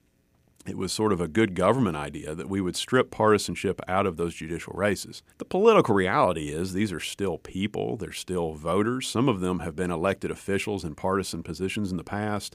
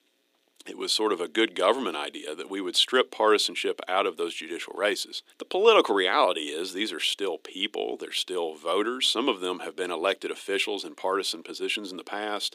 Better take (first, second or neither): first